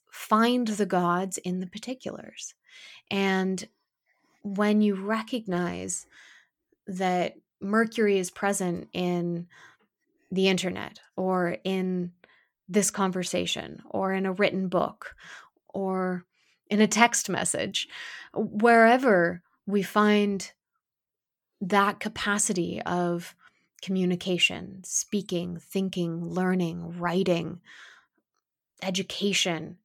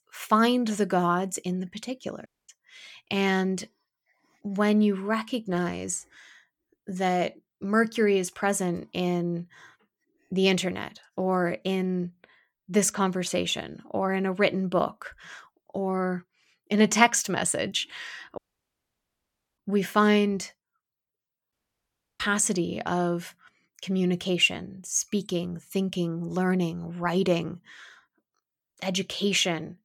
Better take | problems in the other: first | audio cutting out; at 2.5 s, at 18 s for 1 s and at 22 s for 0.5 s

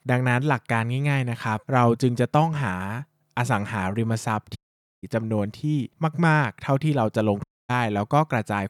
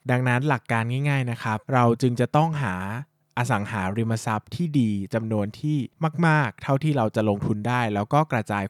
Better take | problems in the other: second | audio cutting out; at 4.5 s and at 7.5 s

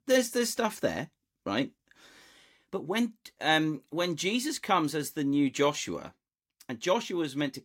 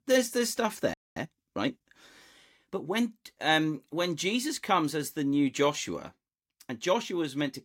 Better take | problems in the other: first | audio freezing; at 1 s

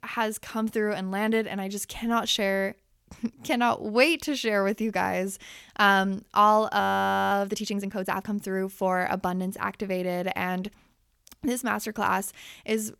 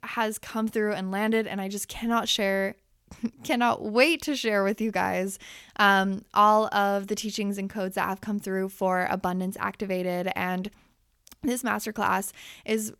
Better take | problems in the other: second | audio freezing; at 7 s for 0.5 s

